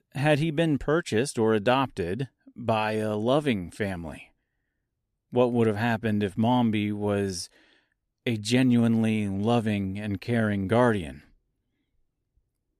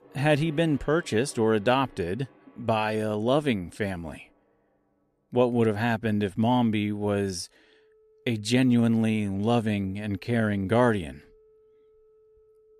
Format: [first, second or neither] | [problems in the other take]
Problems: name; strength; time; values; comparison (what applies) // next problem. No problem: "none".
first | background music; faint; throughout; 30 dB below the speech